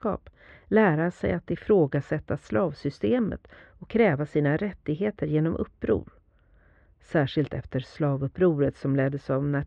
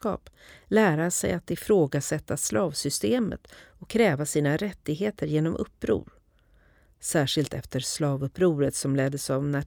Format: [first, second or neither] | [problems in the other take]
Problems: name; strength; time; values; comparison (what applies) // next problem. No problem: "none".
second | muffled; very; fading above 2.5 kHz